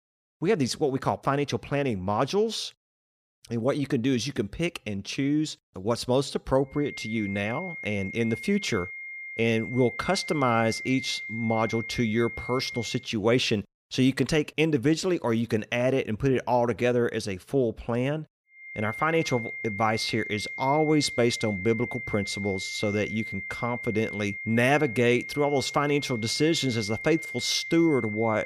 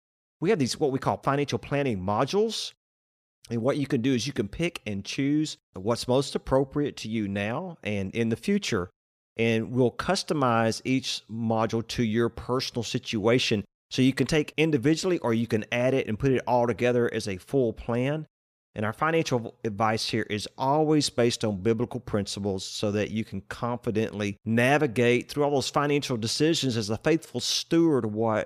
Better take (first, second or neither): second